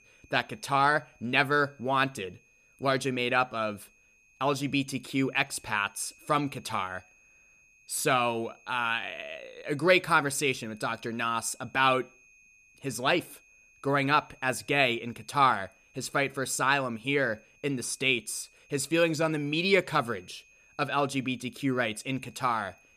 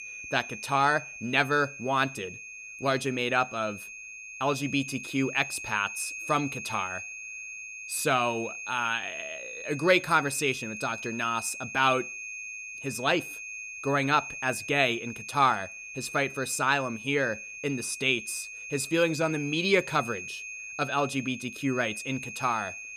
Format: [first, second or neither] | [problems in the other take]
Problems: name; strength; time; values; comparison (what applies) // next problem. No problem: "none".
first | high-pitched whine; loud; throughout; 2.5 kHz, 10 dB below the speech; faint in the first